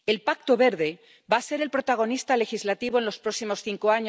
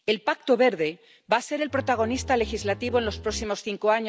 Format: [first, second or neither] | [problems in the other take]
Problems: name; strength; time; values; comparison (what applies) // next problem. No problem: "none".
first | background sound (Bowed string instrument); 12 dB below the speech